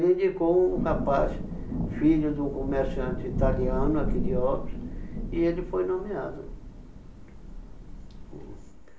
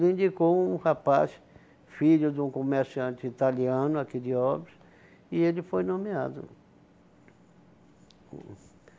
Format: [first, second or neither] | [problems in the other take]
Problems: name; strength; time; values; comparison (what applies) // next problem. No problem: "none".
second | background sound (Thunder / Rain); 3 dB below the speech // room echo; dies away in 0.3 s